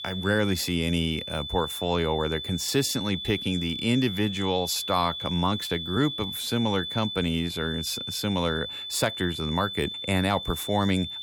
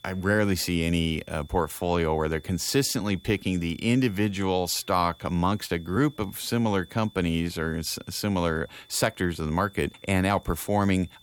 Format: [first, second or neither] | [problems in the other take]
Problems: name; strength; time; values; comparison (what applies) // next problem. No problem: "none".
second | high-pitched whine; loud; throughout; 3.5 kHz, 6 dB below the speech; faint in the second